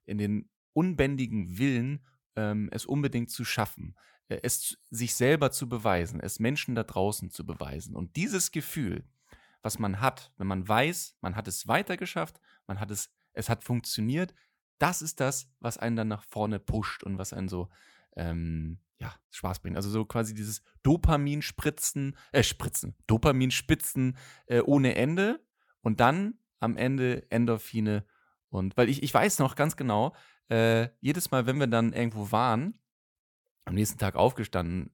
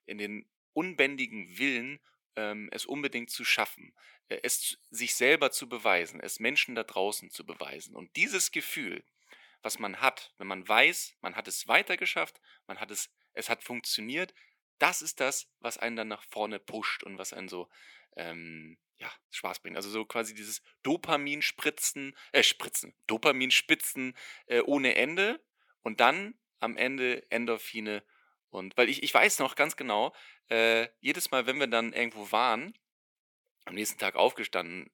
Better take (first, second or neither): first